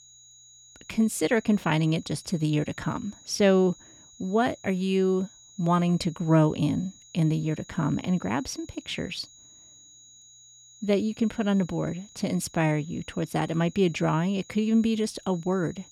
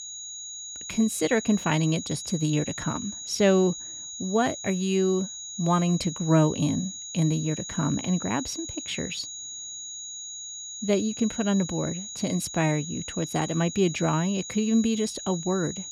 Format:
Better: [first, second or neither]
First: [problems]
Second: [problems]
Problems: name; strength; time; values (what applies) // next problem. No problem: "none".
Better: first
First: high-pitched whine; faint; throughout; 6.5 kHz, 25 dB below the speech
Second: high-pitched whine; loud; throughout; 6.5 kHz, 9 dB below the speech